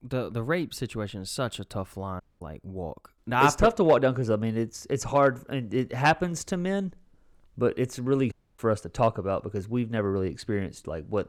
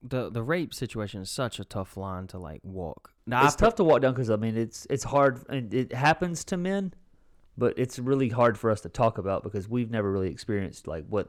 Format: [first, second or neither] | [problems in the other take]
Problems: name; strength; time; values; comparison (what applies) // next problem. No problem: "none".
second | audio cutting out; at 2 s and at 8.5 s